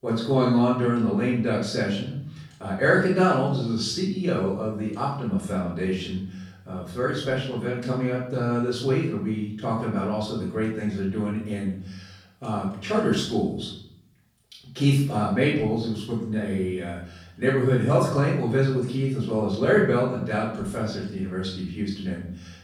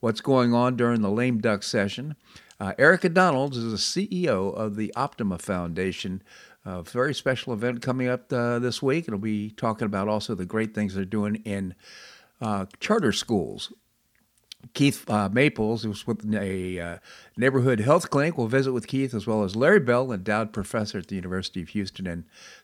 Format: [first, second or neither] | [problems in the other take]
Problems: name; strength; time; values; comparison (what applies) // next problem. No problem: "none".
second | off-mic speech; far // room echo; noticeable; dies away in 0.7 s